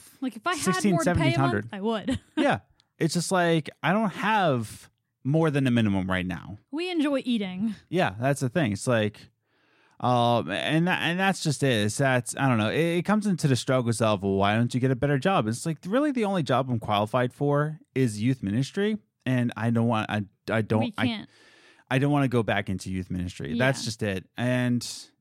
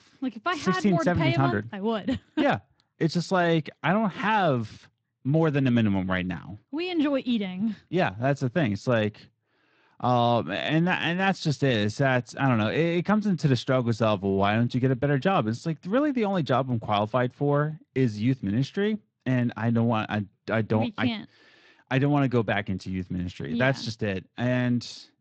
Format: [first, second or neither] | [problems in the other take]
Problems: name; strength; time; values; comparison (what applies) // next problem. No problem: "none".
first | garbled, watery; slightly; nothing above 8 kHz